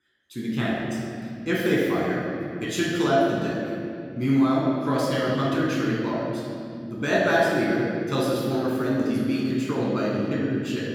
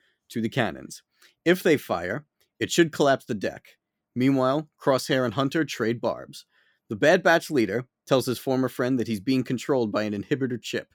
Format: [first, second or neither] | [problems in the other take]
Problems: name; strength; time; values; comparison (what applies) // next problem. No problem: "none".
second | room echo; strong; dies away in 2.8 s // off-mic speech; far